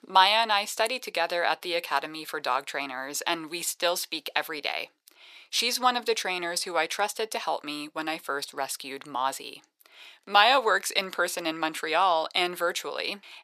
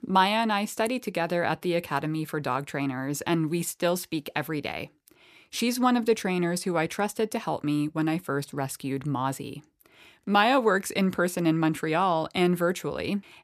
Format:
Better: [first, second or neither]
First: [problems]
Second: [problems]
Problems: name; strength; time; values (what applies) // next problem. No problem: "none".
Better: second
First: thin; very; fading below 650 Hz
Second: none